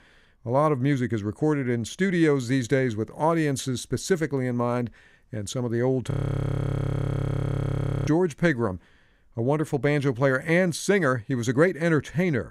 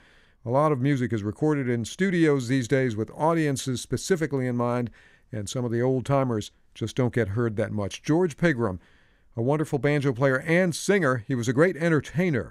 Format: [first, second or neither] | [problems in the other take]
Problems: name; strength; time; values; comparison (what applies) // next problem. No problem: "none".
second | audio freezing; at 6 s for 2 s